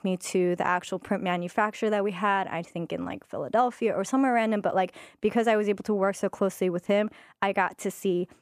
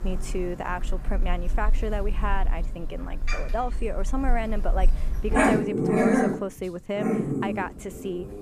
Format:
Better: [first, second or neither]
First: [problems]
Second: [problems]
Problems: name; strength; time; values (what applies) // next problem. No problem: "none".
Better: first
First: none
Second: animal sounds; very loud; throughout; 4 dB above the speech